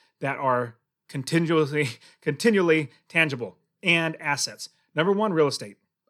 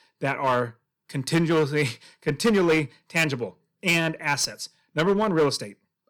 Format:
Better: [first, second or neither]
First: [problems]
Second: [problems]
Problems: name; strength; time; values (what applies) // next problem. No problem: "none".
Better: first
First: none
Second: distortion; slight; 6% of the sound clipped